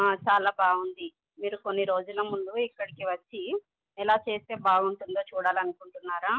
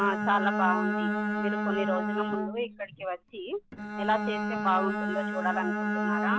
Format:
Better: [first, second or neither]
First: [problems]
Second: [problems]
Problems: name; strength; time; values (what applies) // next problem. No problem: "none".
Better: first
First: none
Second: background sound (Bowed string instrument); 1 dB above the speech